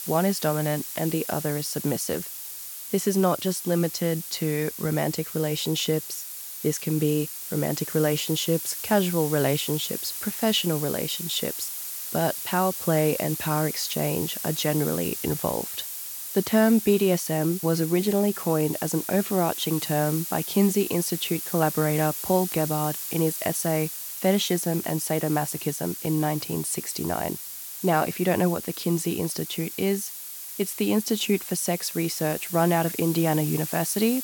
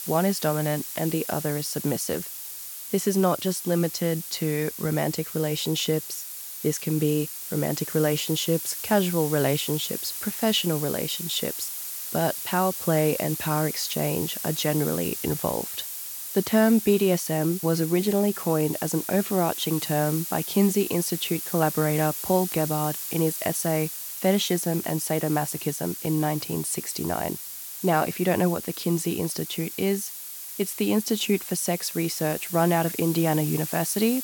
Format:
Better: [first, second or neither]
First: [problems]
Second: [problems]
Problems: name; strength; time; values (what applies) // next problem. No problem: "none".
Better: neither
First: hiss; loud; throughout; 6 dB below the speech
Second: hiss; loud; throughout; 6 dB below the speech